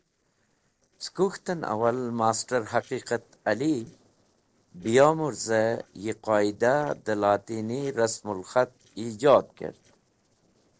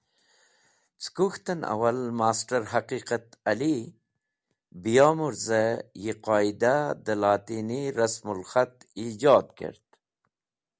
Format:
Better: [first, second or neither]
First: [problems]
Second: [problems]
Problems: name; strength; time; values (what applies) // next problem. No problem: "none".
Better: second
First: noise reduction (neural separator model SepFormer DNS4)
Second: none